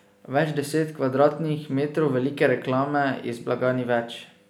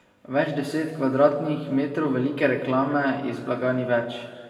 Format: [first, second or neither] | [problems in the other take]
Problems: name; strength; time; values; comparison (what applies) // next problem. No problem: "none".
first | room echo; dies away in 1.8 s